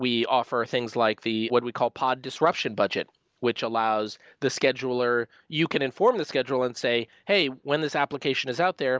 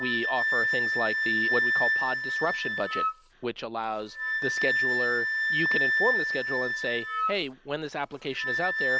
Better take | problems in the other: first | background sound (Wind instrument, woodwind instrument); 4 dB above the speech

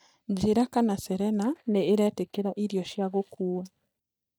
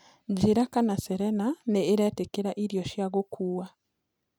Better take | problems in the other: second | noise reduction (neural mask model DeepFilterNet 3)

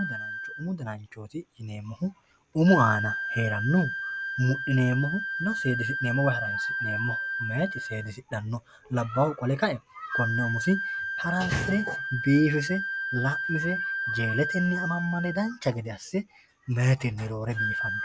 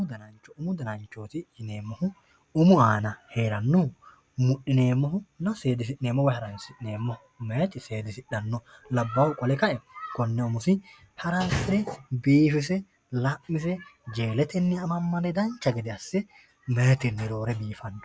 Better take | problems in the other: second | background sound (Wind instrument, woodwind instrument); 5 dB below the speech

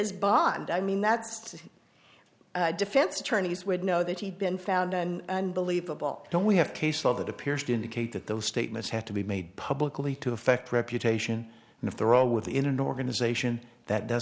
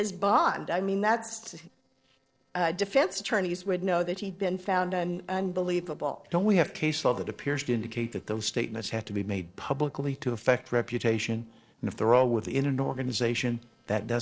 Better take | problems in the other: first | noise reduction (neural separator model SepFormer DNS4)

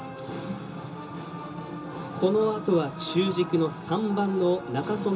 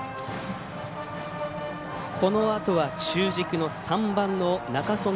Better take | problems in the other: second | room echo; dies away in 0.2 s

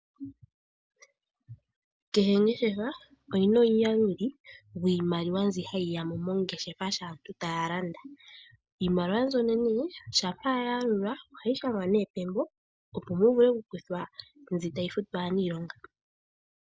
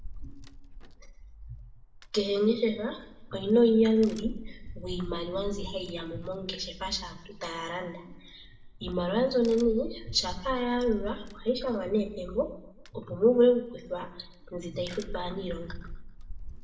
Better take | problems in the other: first | background sound (Crack); 13 dB below the speech // room echo; dies away in 0.6 s

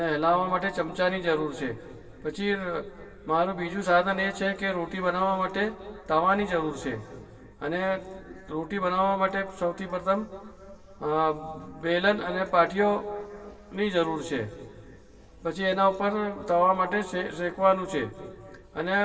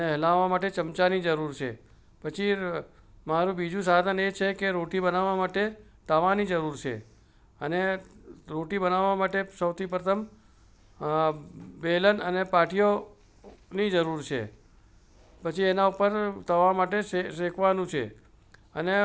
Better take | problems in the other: second | room echo; dies away in 2.4 s

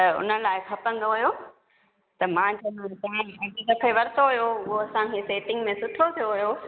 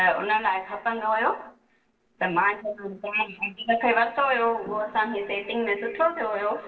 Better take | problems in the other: first | noise reduction (neural separator model SepFormer DNS4)

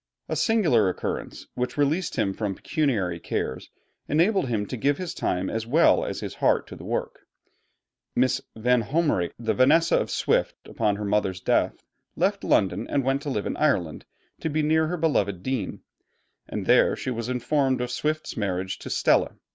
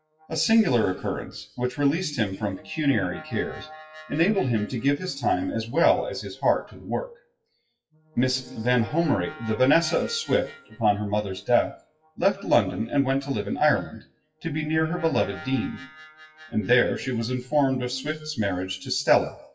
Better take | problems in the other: first | noise reduction (classical method WPE with log-MMSE)

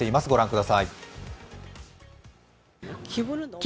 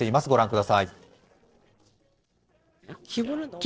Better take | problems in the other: first | noise reduction (neural separator model SepFormer DNS4)

